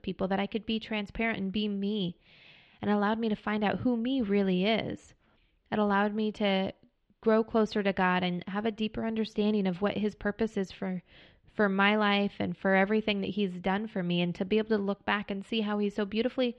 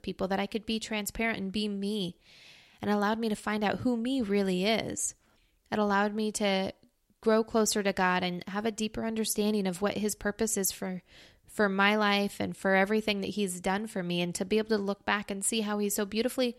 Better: second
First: muffled; slightly; fading above 3.5 kHz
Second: none

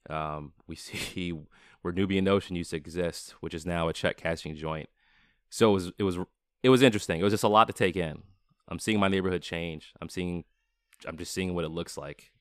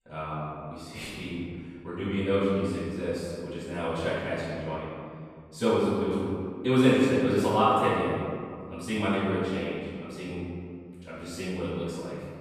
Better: first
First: none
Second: off-mic speech; far // room echo; strong; dies away in 2 s

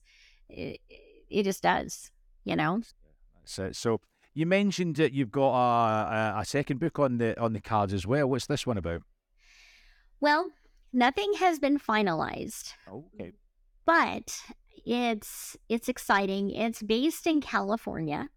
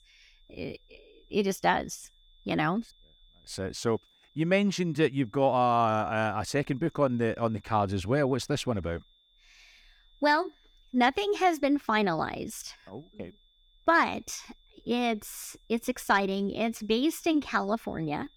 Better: first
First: none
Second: high-pitched whine; faint; throughout; 3.5 kHz, 35 dB below the speech

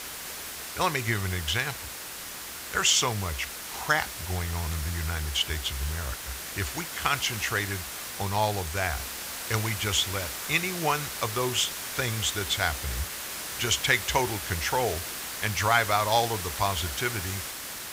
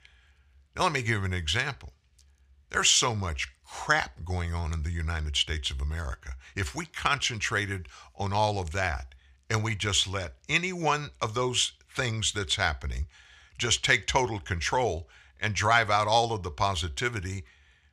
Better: second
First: hiss; loud; throughout; 6 dB below the speech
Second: none

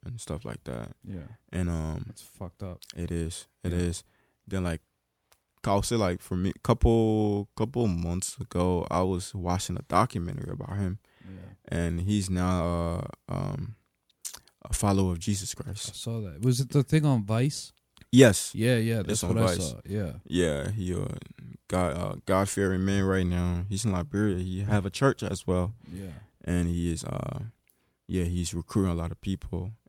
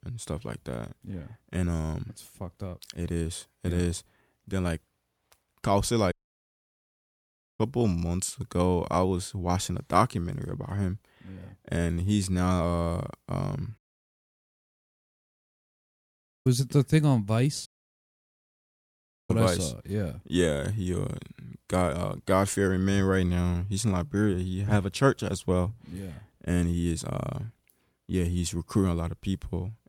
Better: first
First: none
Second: audio cutting out; at 6 s for 1.5 s, at 14 s for 2.5 s and at 18 s for 1.5 s

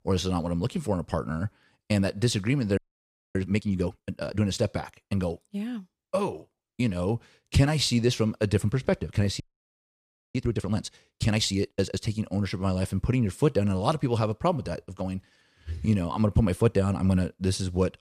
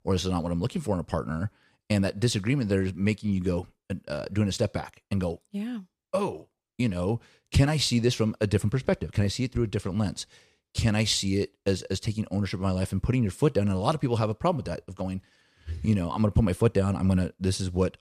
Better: second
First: audio freezing; at 3 s for 0.5 s and at 9.5 s for 1 s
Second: none

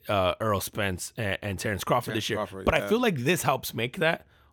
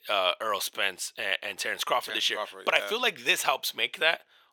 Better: first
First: none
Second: thin; very; fading below 550 Hz

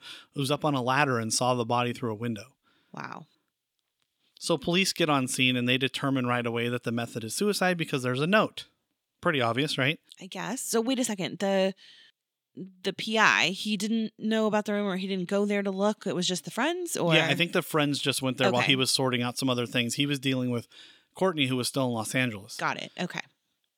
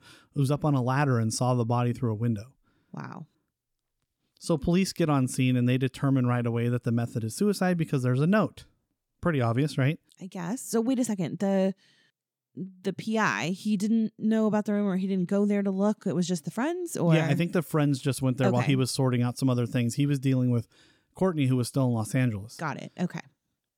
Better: second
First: thin; very slightly; fading below 500 Hz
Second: none

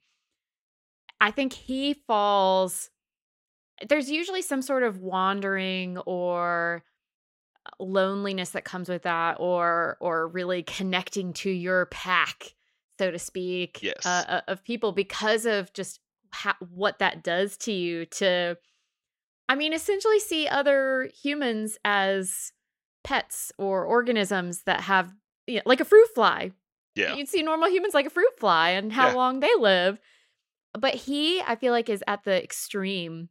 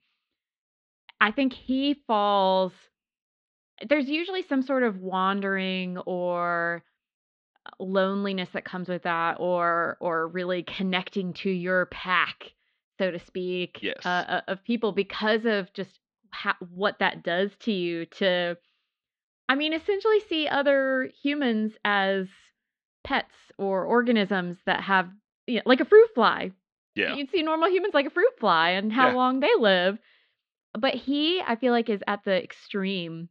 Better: first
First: none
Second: muffled; very slightly; fading above 4 kHz

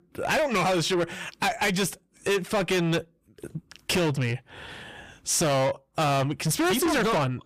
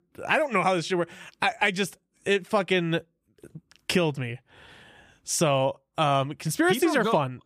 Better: second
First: distortion; heavy; 6 dB below the speech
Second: none

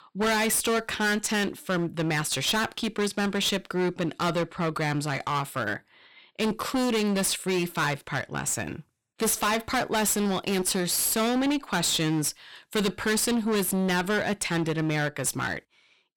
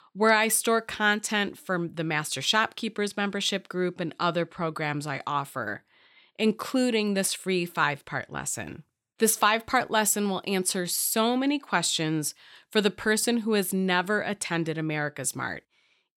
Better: second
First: distortion; heavy; 19% of the sound clipped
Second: none

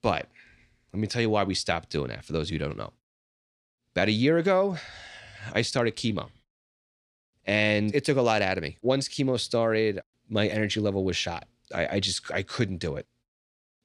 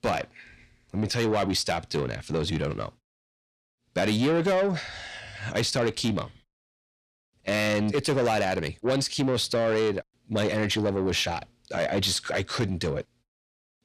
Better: first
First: none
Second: distortion; heavy; 7 dB below the speech

